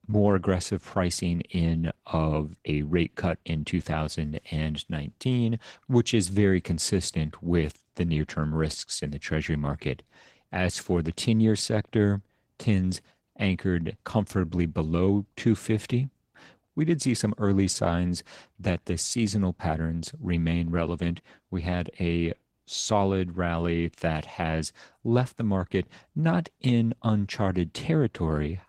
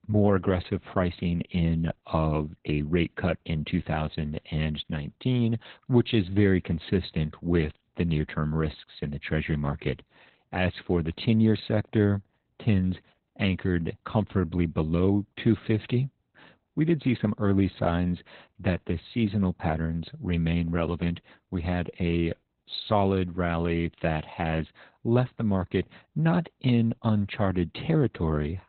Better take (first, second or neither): first